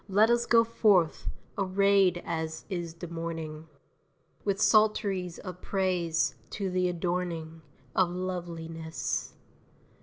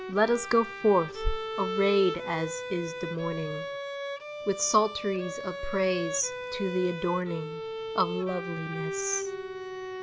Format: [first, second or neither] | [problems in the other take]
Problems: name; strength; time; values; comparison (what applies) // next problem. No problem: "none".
first | background sound (Bowed string instrument); 7 dB below the speech